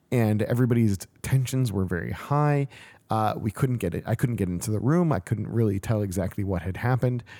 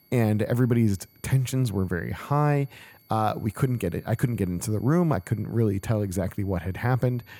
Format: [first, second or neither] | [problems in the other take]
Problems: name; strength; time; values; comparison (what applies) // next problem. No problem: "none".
first | high-pitched whine; faint; throughout; 11.5 kHz, 30 dB below the speech